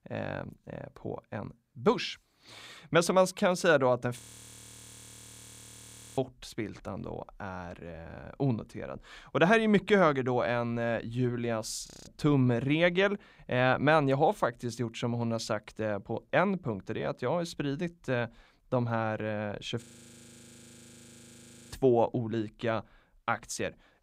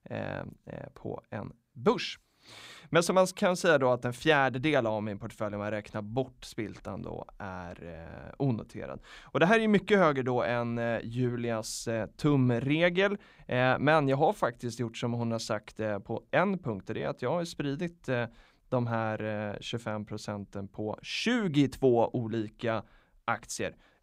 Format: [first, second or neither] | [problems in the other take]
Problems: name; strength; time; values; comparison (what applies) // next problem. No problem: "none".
second | audio freezing; at 4 s for 2 s, at 12 s and at 20 s for 2 s